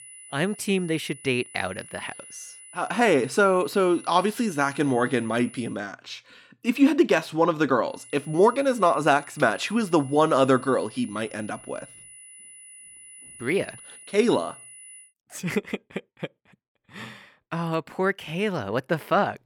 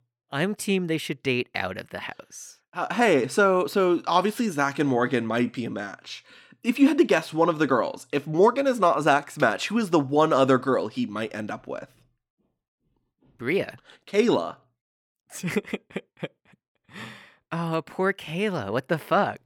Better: second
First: high-pitched whine; noticeable; until 5.5 s and from 8 to 15 s; 10 kHz, 20 dB below the speech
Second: none

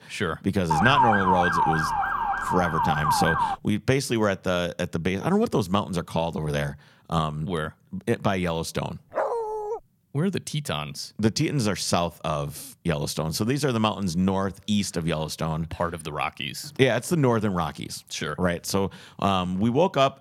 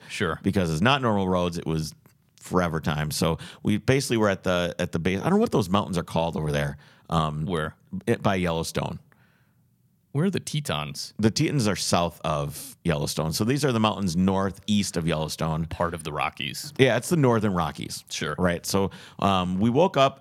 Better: second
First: siren; loud; from 0.5 to 3.5 s; peak 6 dB above the speech // dog barking; noticeable; at 9 s; peak 1 dB below the speech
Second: none

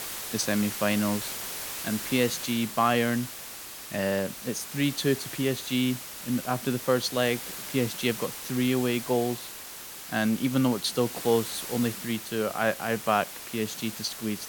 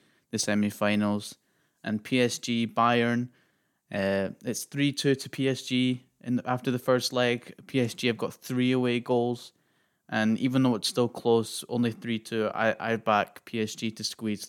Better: second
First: hiss; loud; throughout; 8 dB below the speech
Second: none

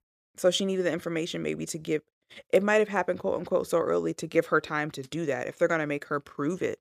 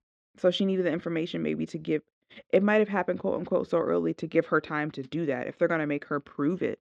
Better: first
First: none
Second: muffled; slightly; fading above 4 kHz

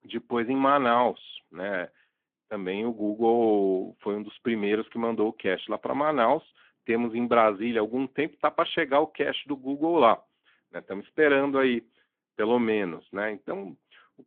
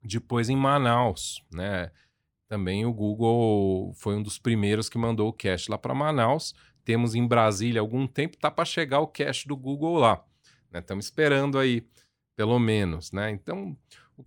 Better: second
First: phone-call audio; nothing above 3.5 kHz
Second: none

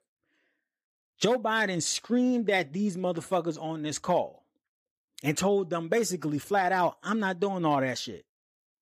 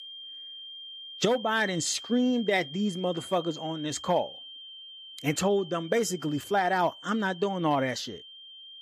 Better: first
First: none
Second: high-pitched whine; noticeable; throughout; 3 kHz, 15 dB below the speech

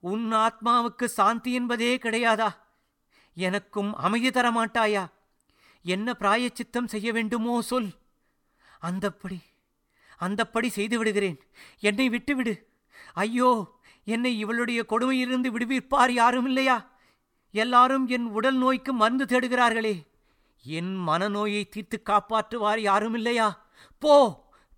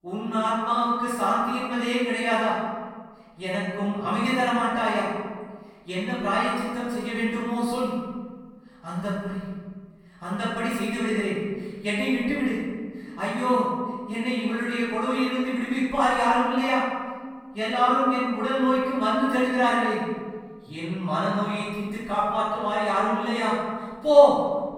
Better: first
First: none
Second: room echo; strong; dies away in 1.5 s // off-mic speech; far

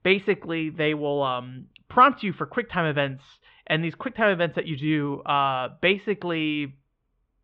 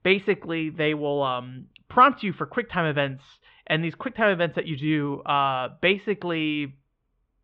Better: neither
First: muffled; very; fading above 3.5 kHz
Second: muffled; very; fading above 3.5 kHz

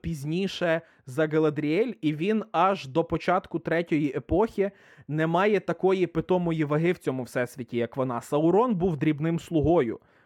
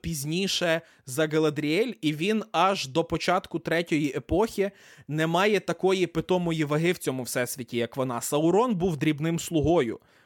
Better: second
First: muffled; slightly; fading above 3 kHz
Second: none

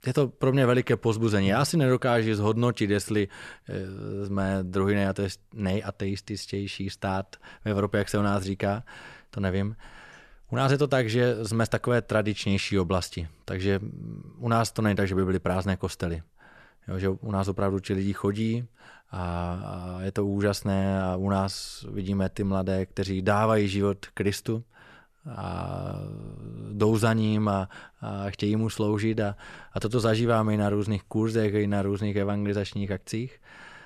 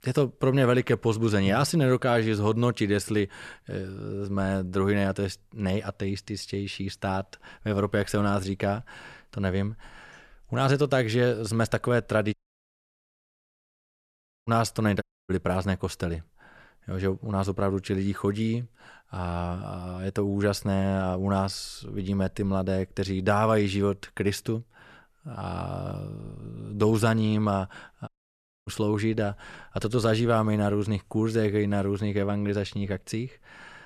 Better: first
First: none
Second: audio cutting out; at 12 s for 2 s, at 15 s and at 28 s for 0.5 s

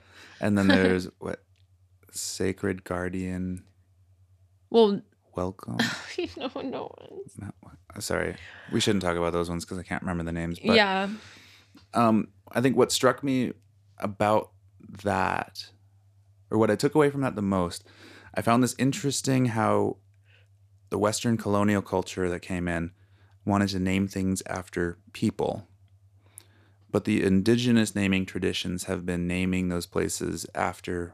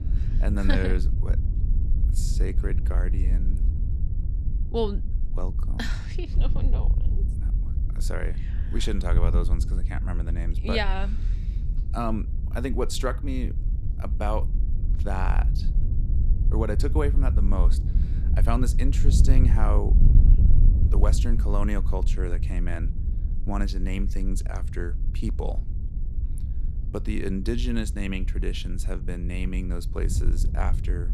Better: first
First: none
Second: wind noise on the microphone; occasional gusts; 10 dB below the speech

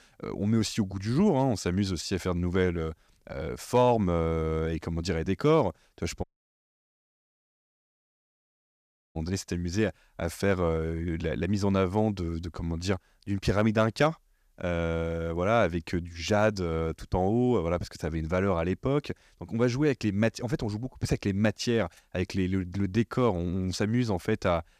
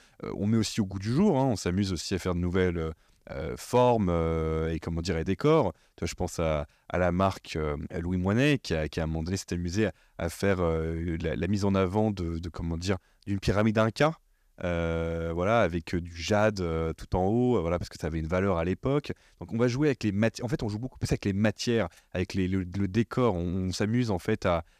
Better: second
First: audio cutting out; at 6 s for 3 s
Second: none

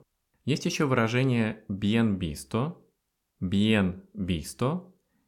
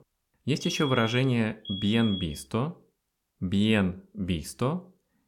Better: first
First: none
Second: alarm; noticeable; from 0.5 to 2.5 s; peak 6 dB below the speech

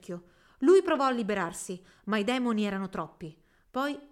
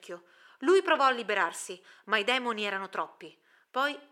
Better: first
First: none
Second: thin; somewhat; fading below 450 Hz

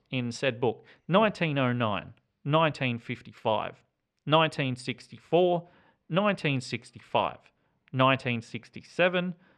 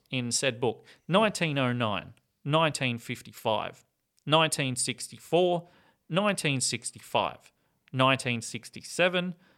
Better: second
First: muffled; slightly; fading above 3 kHz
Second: none

